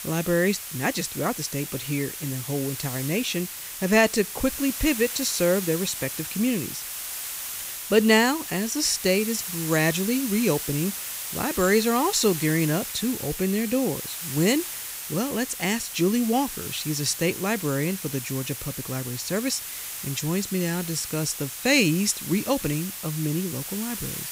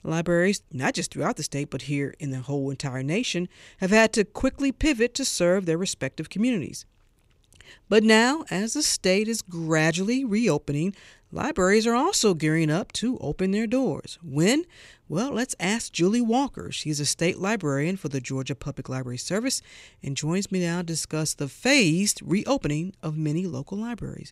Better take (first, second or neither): second